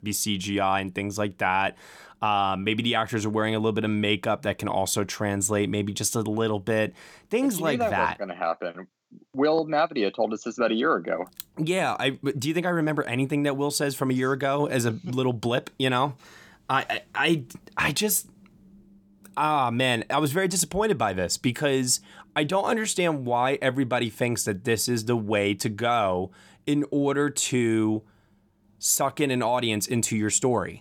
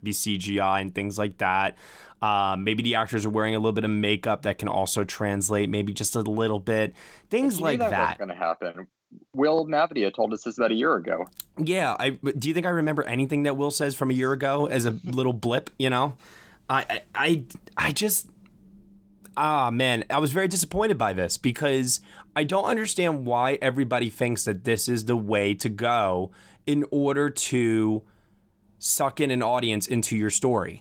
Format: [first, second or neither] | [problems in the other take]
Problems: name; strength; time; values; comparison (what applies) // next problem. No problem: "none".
first | garbled, watery; slightly; nothing above 19 kHz